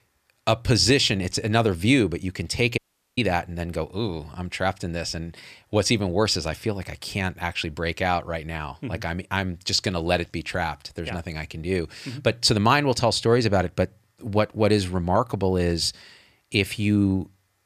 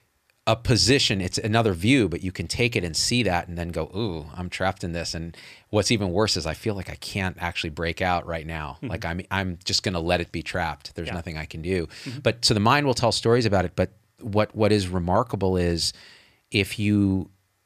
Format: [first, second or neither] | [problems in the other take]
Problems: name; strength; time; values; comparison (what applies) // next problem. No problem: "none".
second | audio cutting out; at 3 s